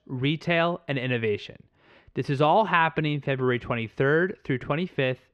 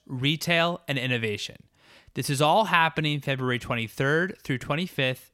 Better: second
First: muffled; slightly; fading above 2.5 kHz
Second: none

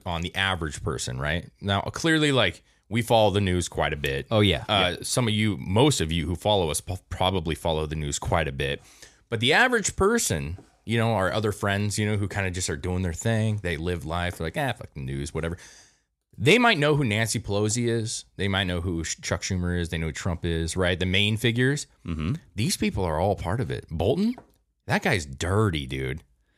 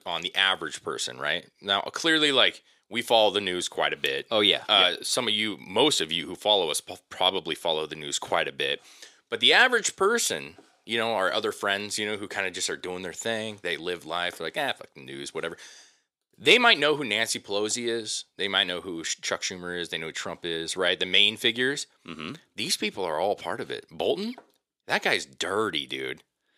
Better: first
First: none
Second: thin; somewhat; fading below 350 Hz

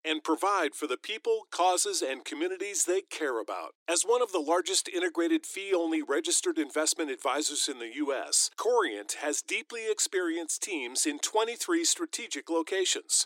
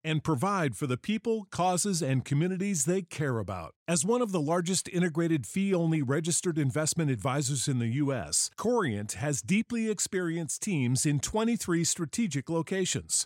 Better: second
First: thin; very; fading below 300 Hz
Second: none

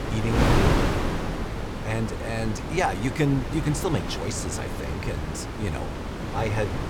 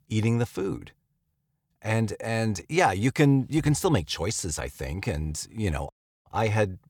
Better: second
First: wind noise on the microphone; heavy; as loud as the speech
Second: none

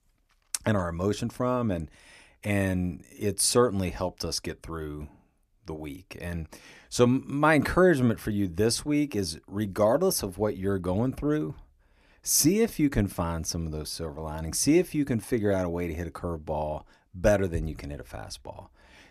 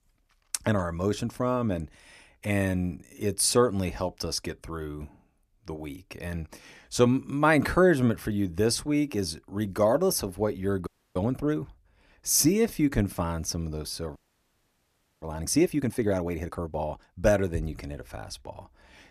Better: first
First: none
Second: audio freezing; at 11 s and at 14 s for 1 s

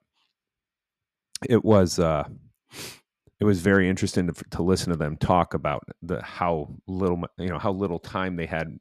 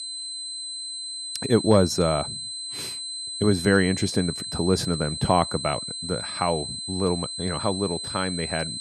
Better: first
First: none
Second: high-pitched whine; loud; throughout; 4 kHz, 6 dB below the speech

